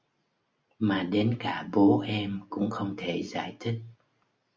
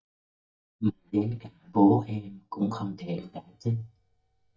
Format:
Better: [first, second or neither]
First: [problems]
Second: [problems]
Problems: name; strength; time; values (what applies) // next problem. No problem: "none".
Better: first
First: none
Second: noise reduction (neural mask model DeepFilterNet 3)